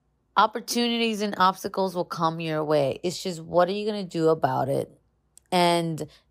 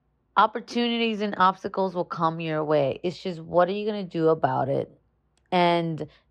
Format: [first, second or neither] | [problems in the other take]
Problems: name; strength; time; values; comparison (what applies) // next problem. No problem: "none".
first | muffled; slightly; fading above 2.5 kHz